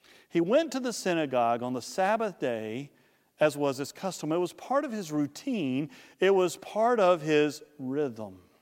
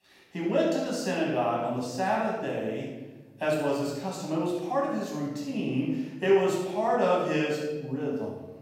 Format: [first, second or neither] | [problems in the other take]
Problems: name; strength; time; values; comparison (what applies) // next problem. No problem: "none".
first | off-mic speech; far // room echo; noticeable; dies away in 1.1 s